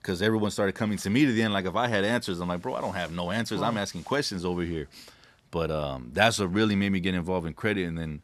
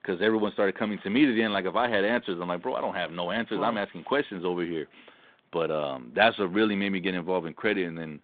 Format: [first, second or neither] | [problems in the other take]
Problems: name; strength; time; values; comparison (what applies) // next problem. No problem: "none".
first | phone-call audio; nothing above 3.5 kHz